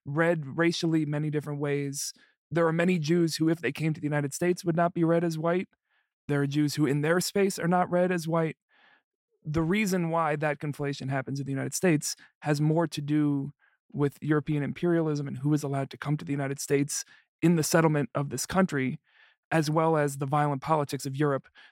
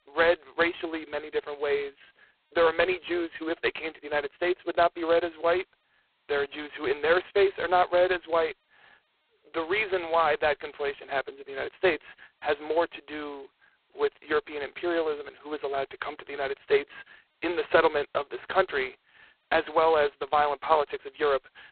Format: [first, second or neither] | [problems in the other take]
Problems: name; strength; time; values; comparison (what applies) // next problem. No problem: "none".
first | phone-call audio; poor line; nothing above 4 kHz